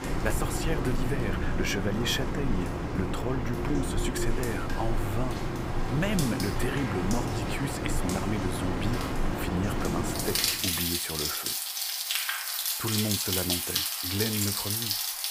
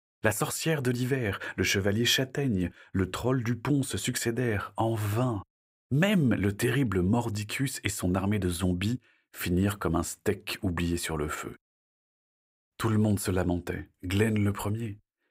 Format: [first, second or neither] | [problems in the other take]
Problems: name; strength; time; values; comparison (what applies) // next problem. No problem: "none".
second | rain or running water; very loud; throughout; 3 dB above the speech